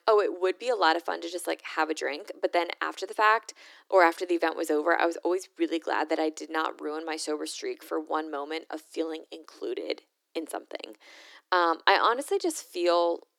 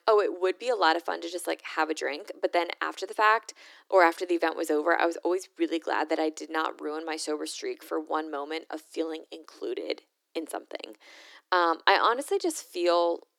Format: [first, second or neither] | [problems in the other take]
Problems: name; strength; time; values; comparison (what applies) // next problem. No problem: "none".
neither | thin; very; fading below 300 Hz; the same in both